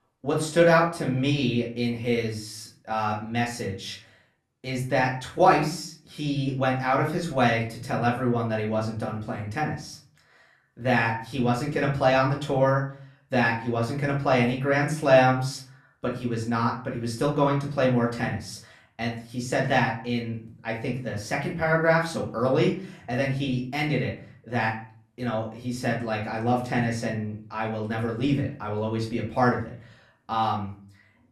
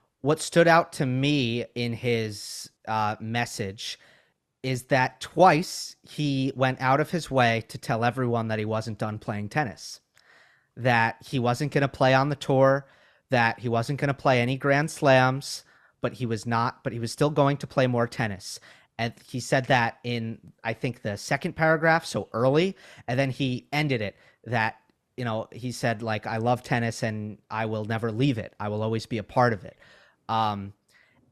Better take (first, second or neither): second